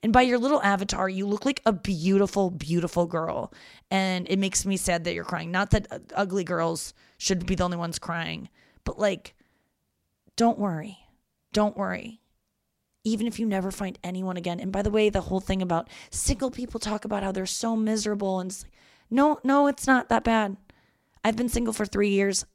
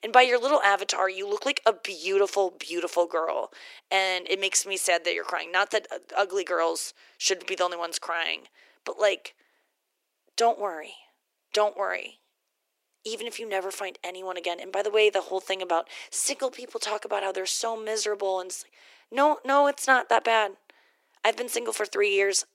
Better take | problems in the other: first | thin; very; fading below 350 Hz

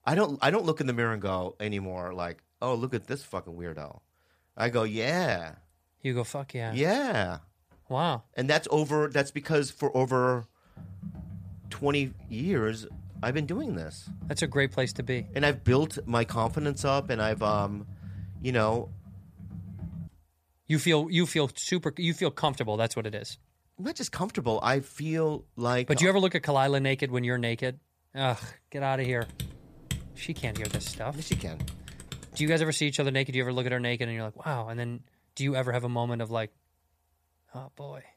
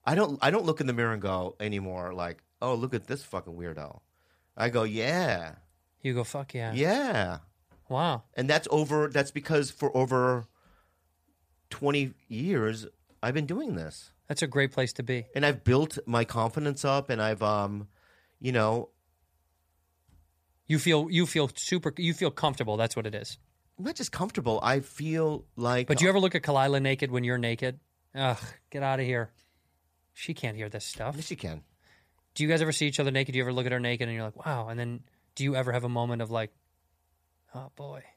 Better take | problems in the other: second | keyboard typing; noticeable; from 11 to 20 s and from 29 to 32 s; peak 5 dB below the speech

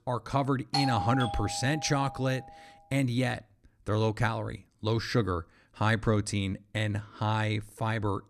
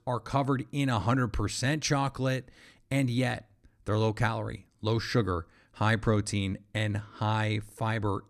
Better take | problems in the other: second | doorbell; noticeable; from 0.5 to 2 s; peak level with the speech

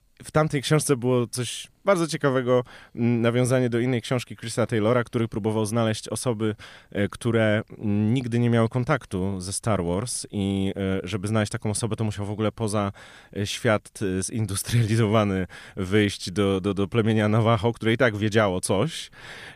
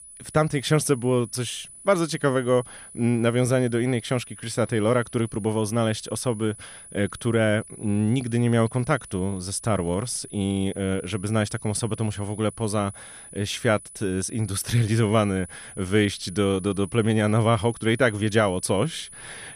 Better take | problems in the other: first | high-pitched whine; noticeable; throughout; 10 kHz, 15 dB below the speech

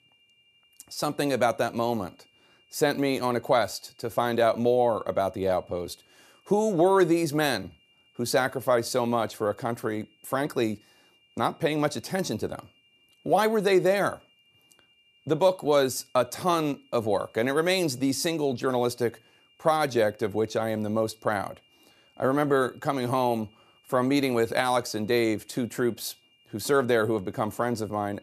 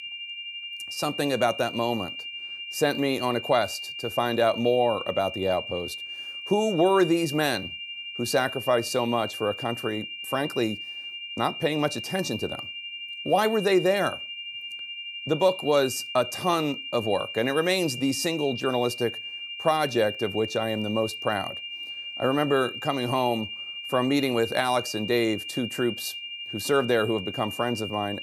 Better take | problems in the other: first | high-pitched whine; loud; throughout; 3 kHz, 8 dB below the speech; faint in the first

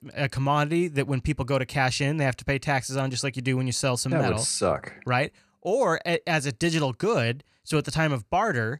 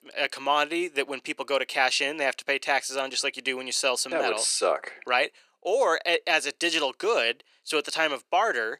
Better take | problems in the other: first | thin; very; fading below 350 Hz

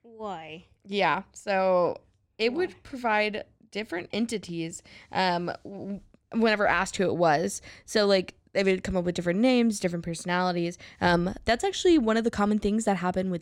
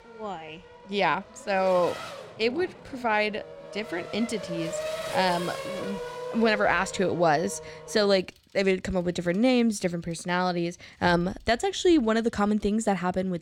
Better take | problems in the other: first | traffic noise; noticeable; throughout; 10 dB below the speech

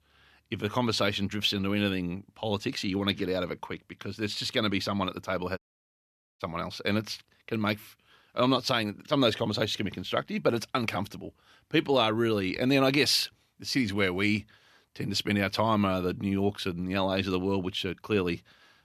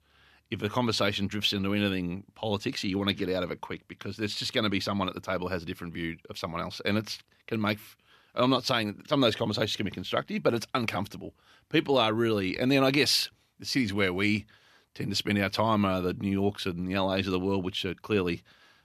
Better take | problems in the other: second | audio cutting out; at 5.5 s for 1 s

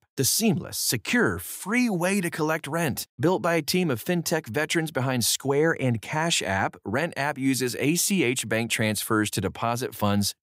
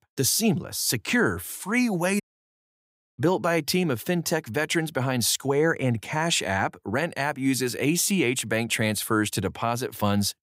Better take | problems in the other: first | audio cutting out; at 2 s for 1 s

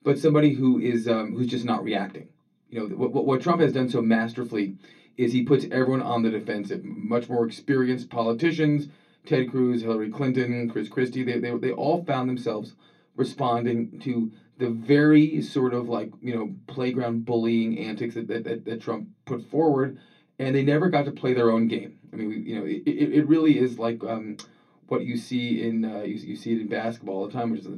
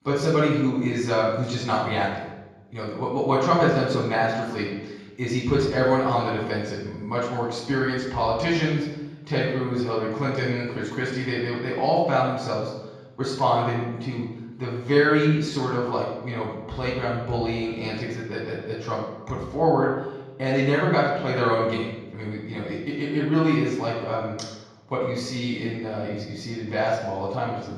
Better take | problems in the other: first | room echo; strong; dies away in 1.3 s; slight in the first // off-mic speech; far; far in the first

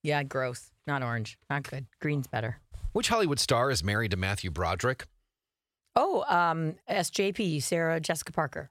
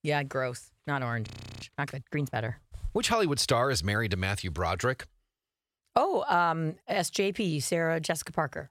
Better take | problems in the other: first | audio freezing; at 1.5 s

